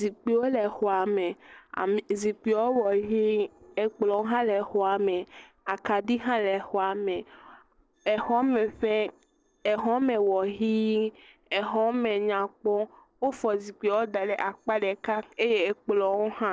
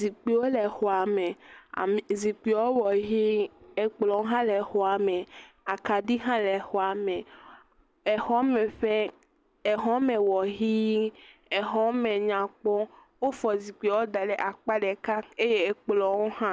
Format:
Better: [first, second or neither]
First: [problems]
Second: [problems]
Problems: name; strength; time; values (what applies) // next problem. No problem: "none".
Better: second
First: noise reduction (neural separator model SepFormer DNS4)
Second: none